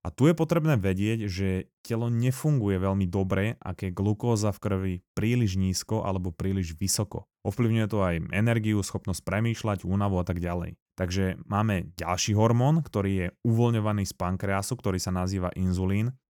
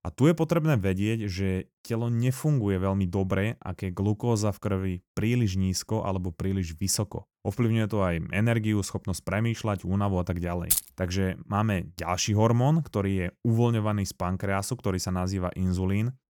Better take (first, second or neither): first